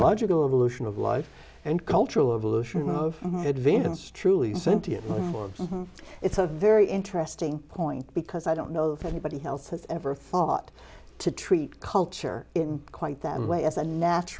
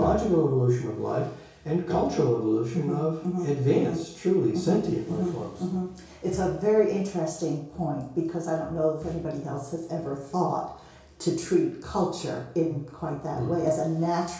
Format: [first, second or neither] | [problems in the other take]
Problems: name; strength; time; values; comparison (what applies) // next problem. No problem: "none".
first | room echo; dies away in 0.6 s